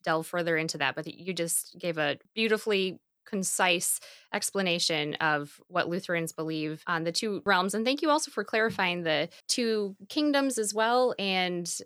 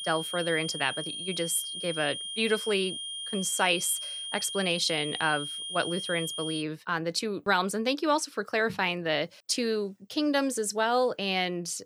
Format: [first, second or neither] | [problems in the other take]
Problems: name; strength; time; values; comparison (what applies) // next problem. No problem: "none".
first | high-pitched whine; loud; until 6.5 s; 3 kHz, 5 dB below the speech